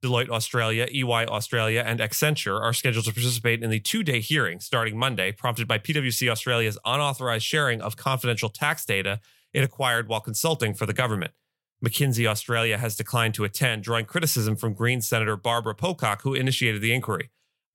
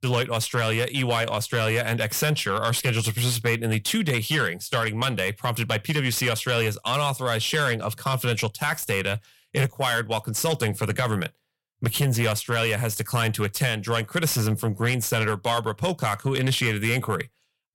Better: first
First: none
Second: distortion; slight; 10 dB below the speech

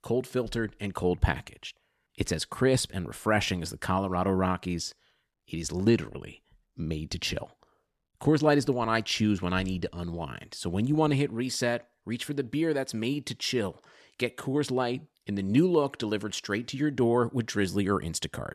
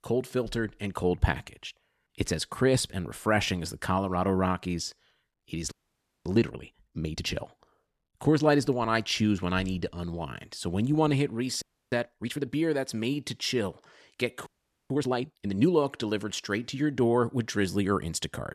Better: first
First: none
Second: audio freezing; at 5.5 s for 0.5 s, at 12 s and at 14 s

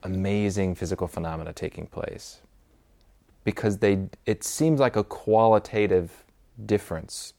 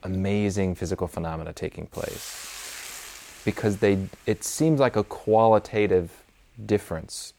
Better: first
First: none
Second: hiss; noticeable; throughout; 15 dB below the speech

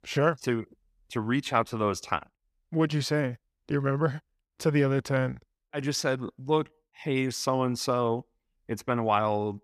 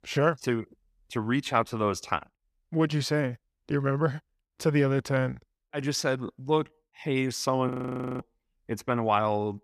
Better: first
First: none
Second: audio freezing; at 7.5 s for 0.5 s

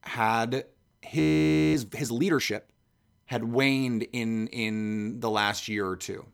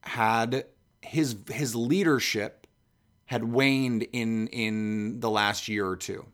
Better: second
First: audio freezing; at 1 s for 0.5 s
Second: none

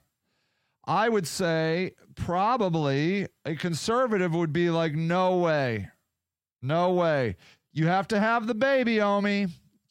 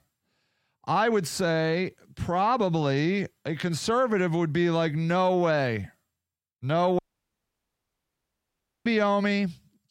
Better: first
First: none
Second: audio cutting out; at 7 s for 2 s

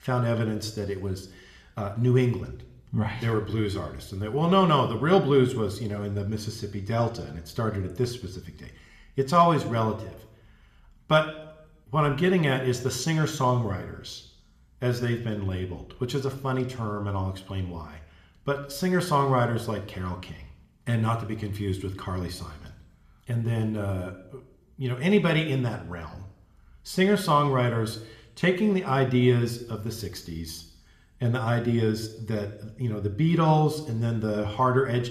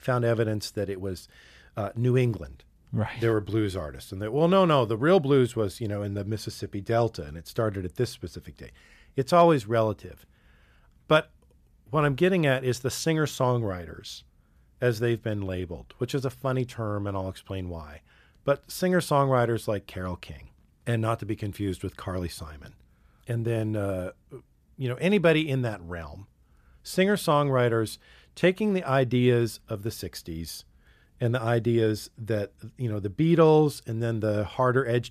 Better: second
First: room echo; very slight; dies away in 0.7 s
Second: none

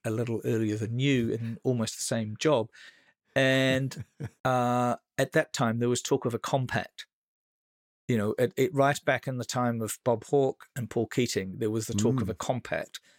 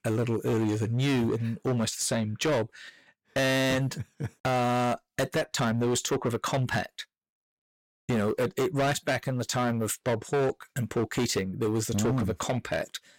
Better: first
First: none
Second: distortion; heavy; 16% of the sound clipped

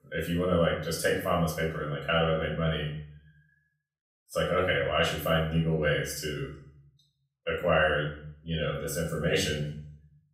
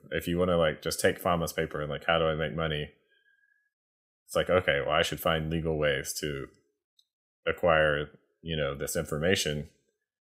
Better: second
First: off-mic speech; far // room echo; noticeable; dies away in 0.5 s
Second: none

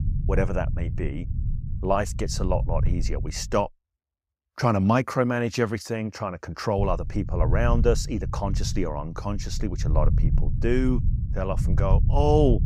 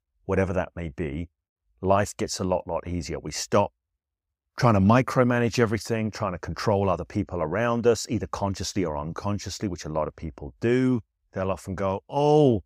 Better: second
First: low rumble; noticeable; until 3.5 s and from 7 s on; 15 dB below the speech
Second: none

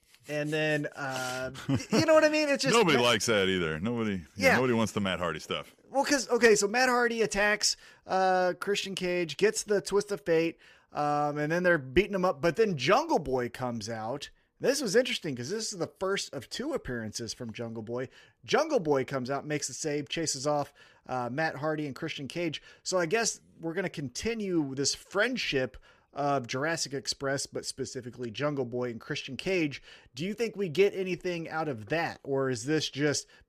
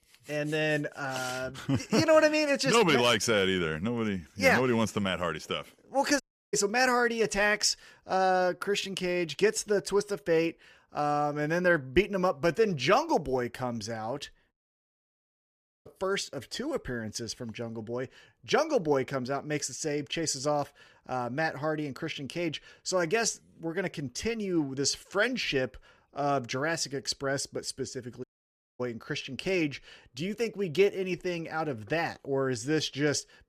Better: first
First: none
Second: audio cutting out; at 6 s, at 15 s for 1.5 s and at 28 s for 0.5 s

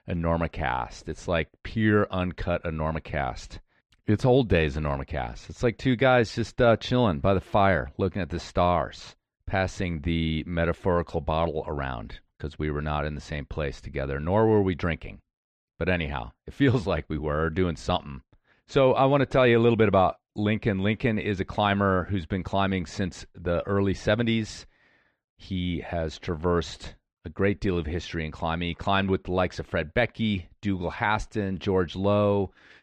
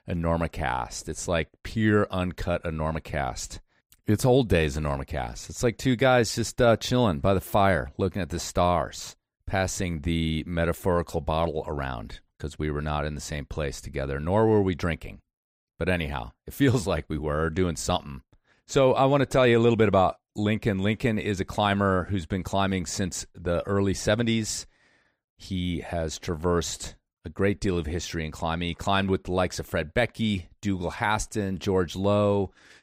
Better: second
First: muffled; slightly; fading above 3 kHz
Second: none

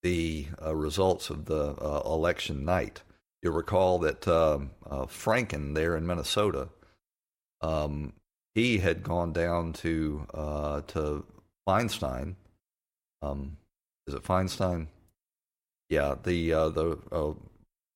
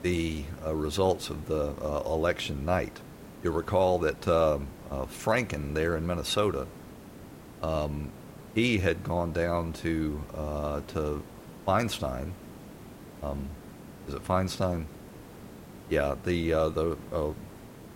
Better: first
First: none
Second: hiss; noticeable; throughout; 15 dB below the speech

